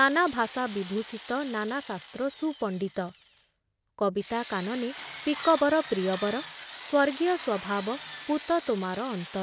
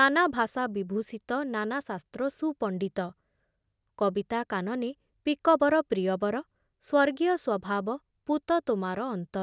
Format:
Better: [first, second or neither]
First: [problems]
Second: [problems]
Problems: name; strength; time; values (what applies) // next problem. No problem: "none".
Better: second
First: background sound (Drill); 15 dB below the speech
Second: none